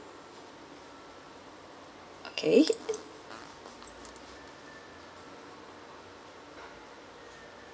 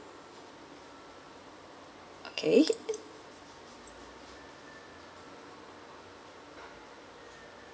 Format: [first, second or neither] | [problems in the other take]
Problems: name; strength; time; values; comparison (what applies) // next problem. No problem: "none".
second | background sound (Fart); 19 dB below the speech